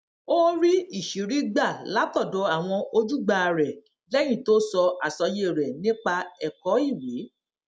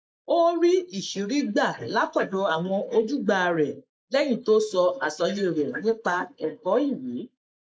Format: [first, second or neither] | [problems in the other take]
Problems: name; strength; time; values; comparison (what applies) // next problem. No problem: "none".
first | noise reduction (neural mask model Resemble Enhance denoiser)